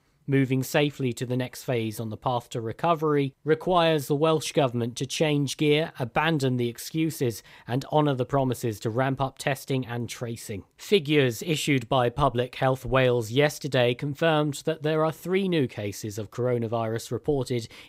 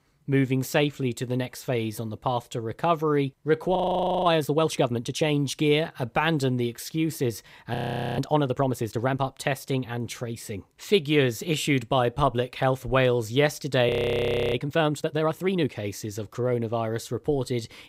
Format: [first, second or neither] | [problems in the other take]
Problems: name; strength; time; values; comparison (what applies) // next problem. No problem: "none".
first | audio freezing; at 4 s for 0.5 s, at 7.5 s and at 14 s for 0.5 s